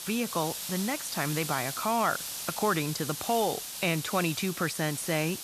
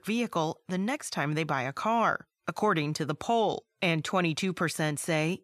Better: second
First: hiss; loud; throughout; 5 dB below the speech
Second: none

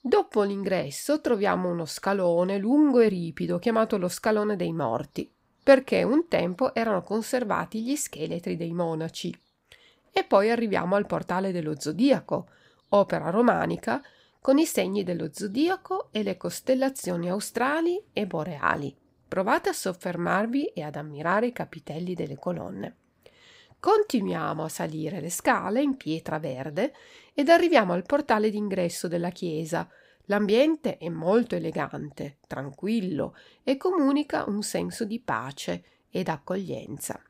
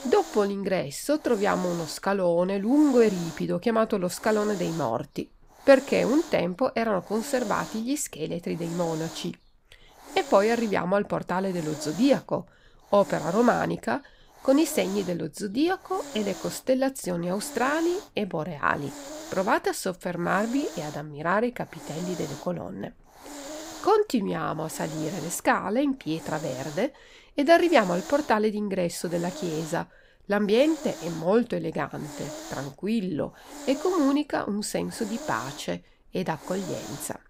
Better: first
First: none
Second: hiss; noticeable; throughout; 15 dB below the speech

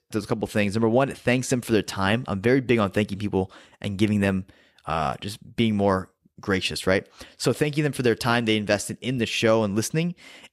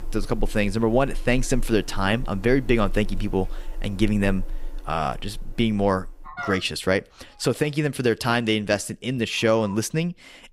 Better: first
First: none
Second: animal sounds; noticeable; throughout; 15 dB below the speech

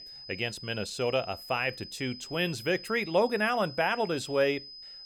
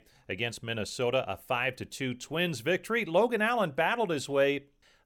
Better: second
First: high-pitched whine; noticeable; throughout; 5 kHz, 15 dB below the speech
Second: none

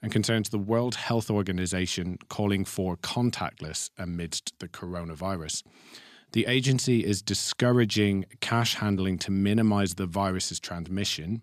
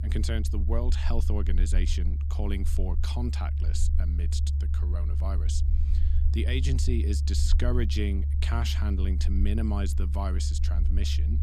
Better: first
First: none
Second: low rumble; loud; throughout; 8 dB below the speech

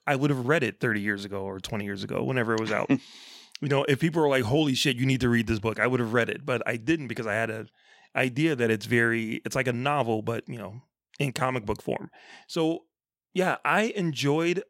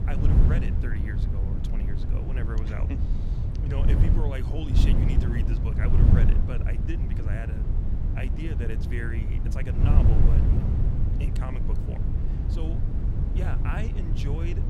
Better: first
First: none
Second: wind noise on the microphone; heavy; 1 dB above the speech

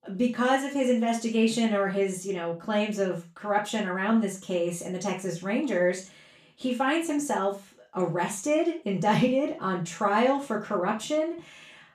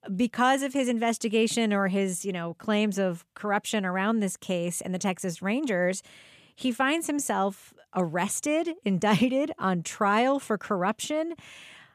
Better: second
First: room echo; slight; dies away in 0.3 s // off-mic speech; far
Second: none

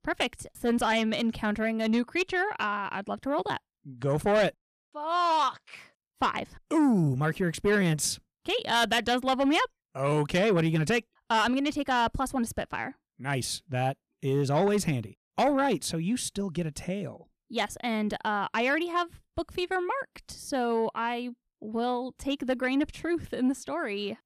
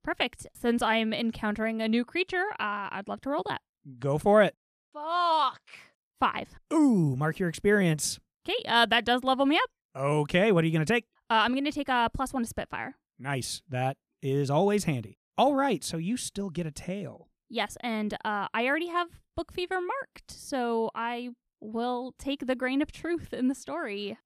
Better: second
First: distortion; slight; 10 dB below the speech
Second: none

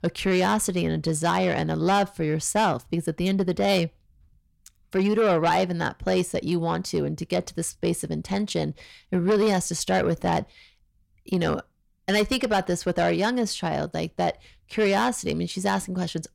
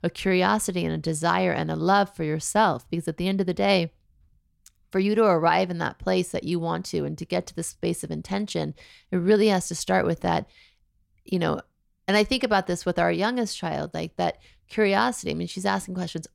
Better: second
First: distortion; slight; 10 dB below the speech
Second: none

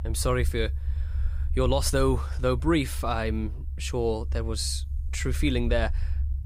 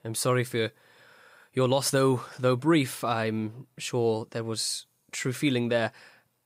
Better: second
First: low rumble; faint; throughout; 20 dB below the speech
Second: none

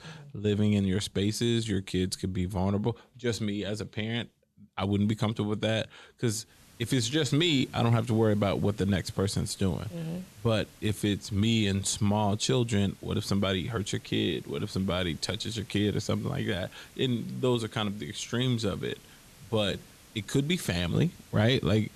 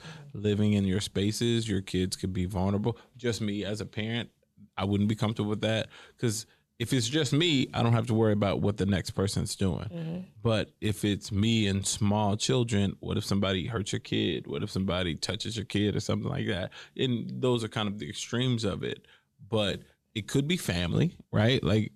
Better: second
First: hiss; faint; from 6.5 s on; 25 dB below the speech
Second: none

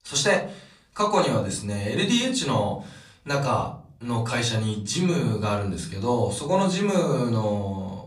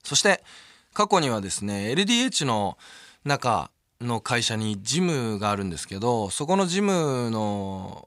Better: second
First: off-mic speech; far // room echo; slight; dies away in 0.5 s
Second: none

